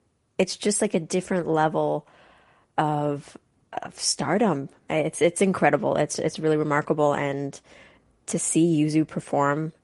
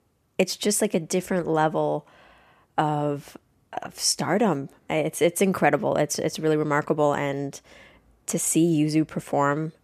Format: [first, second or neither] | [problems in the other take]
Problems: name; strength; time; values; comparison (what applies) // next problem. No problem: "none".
second | garbled, watery; slightly; nothing above 11 kHz